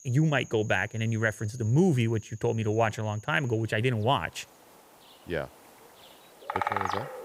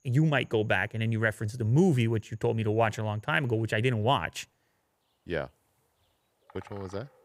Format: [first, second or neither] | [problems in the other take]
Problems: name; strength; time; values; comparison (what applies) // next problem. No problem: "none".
second | animal sounds; loud; throughout; 9 dB below the speech; faint in the second